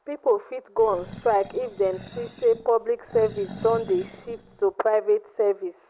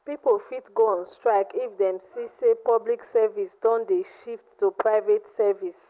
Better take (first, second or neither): second